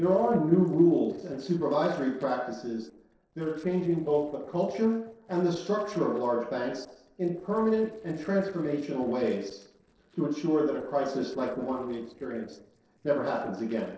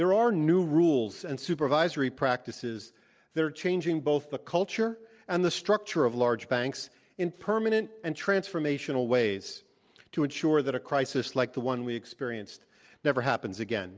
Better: second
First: noise reduction (neural separator model SepFormer DNS4)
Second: none

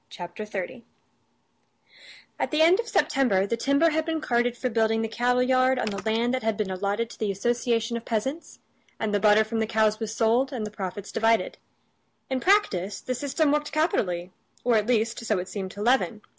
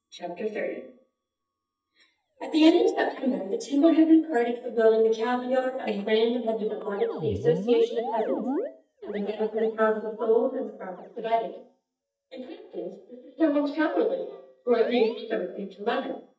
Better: first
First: none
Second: noise reduction (neural mask model DeepFilterNet 3)

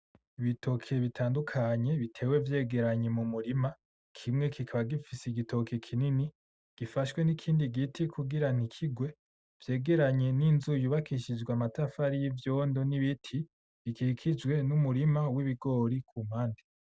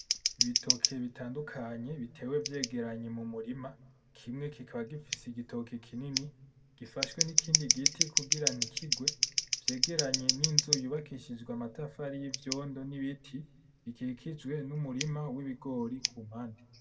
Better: first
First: none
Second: background sound (Scissors); 3 dB above the speech // room echo; dies away in 0.7 s

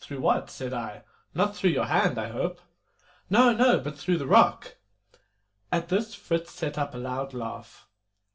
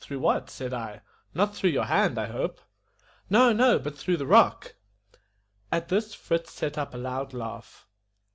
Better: second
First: room echo; dies away in 0.2 s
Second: none

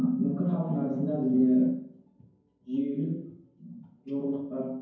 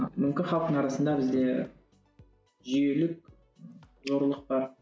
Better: second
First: room echo; dies away in 0.9 s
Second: none

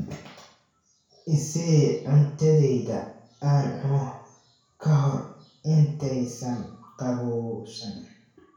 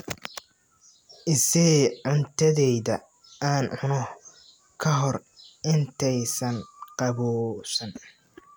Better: second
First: room echo; dies away in 0.6 s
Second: none

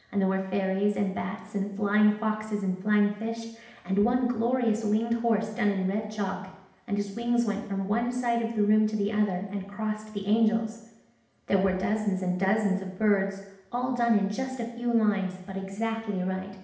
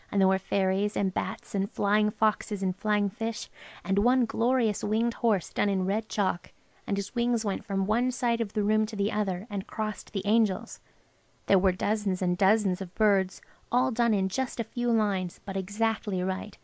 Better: second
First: room echo; dies away in 0.8 s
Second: none

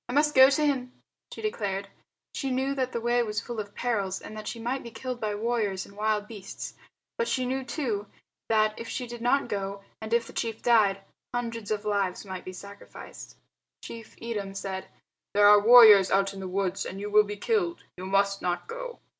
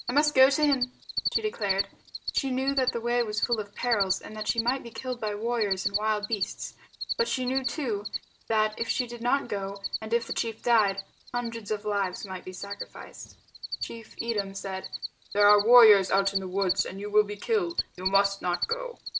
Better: first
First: none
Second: background sound (Cricket); 7 dB below the speech

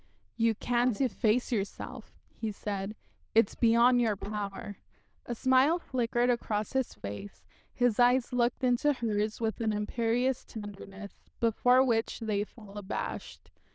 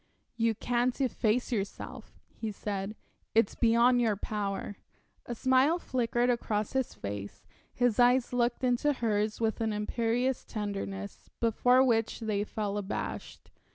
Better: second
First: noise reduction (neural diffusion model UNIVERSE++)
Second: none

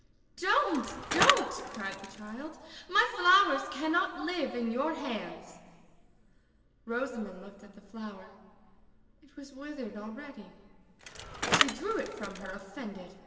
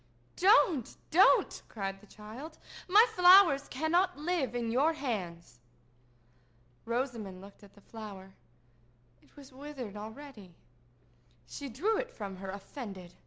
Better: second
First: background sound (Bicycle); as loud as the speech // room echo; dies away in 2.1 s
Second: none

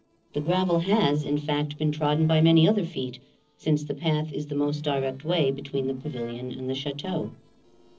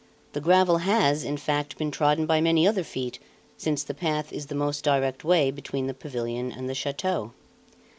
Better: second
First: noise reduction (neural separator model SepFormer DNS4)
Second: none

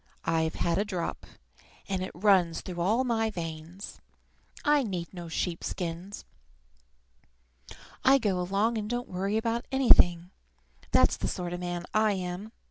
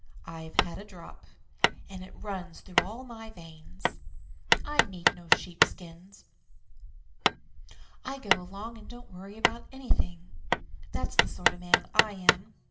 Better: first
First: none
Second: background sound (Hammer); 3 dB above the speech // room echo; dies away in 0.5 s

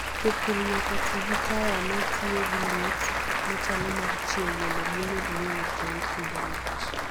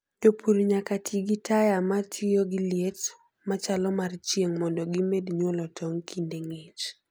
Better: second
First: background sound (Applause); 5 dB above the speech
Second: none

